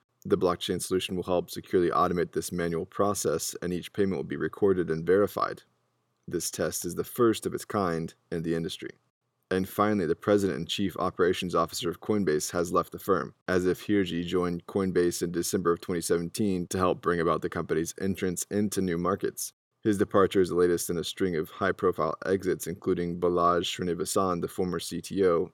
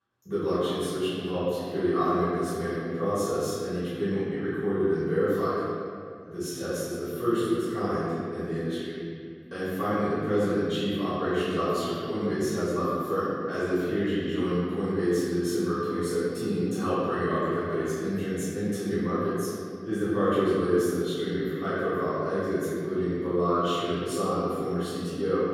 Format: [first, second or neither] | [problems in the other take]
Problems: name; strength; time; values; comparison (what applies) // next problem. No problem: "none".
first | room echo; strong; dies away in 2.2 s // off-mic speech; far